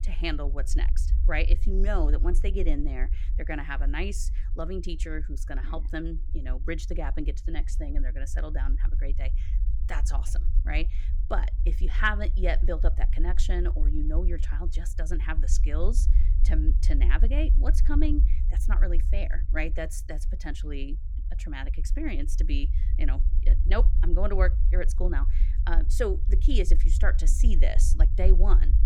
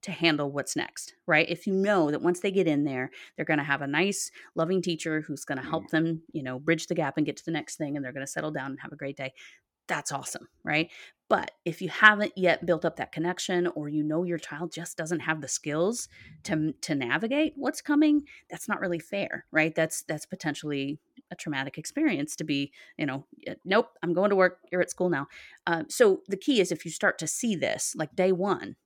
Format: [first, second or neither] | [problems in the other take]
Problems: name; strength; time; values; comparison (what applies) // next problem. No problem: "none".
second | low rumble; noticeable; throughout; 15 dB below the speech